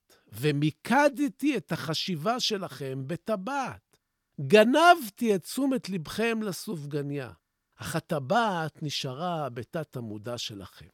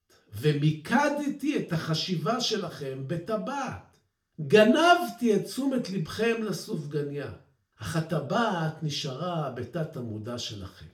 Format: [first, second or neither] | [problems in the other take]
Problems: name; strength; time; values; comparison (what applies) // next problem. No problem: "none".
first | room echo; very slight; dies away in 0.4 s // off-mic speech; somewhat distant